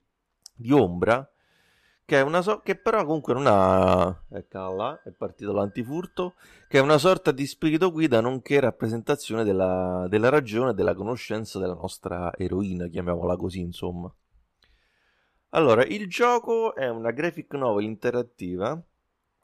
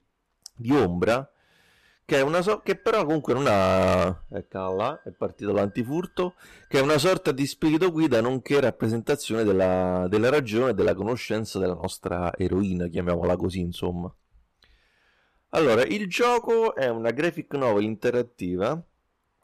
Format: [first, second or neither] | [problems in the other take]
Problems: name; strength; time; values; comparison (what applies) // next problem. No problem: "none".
first | distortion; heavy; 7% of the sound clipped